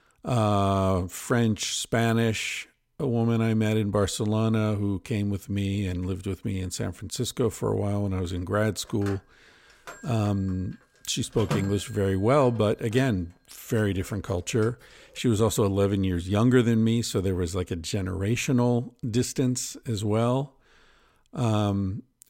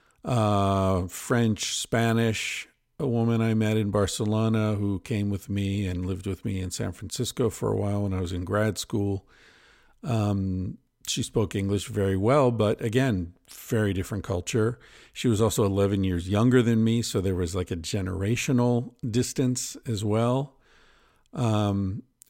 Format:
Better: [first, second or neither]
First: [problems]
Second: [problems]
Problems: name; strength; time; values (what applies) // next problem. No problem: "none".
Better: second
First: phone ringing; noticeable; from 9 to 13 s; peak 6 dB below the speech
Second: none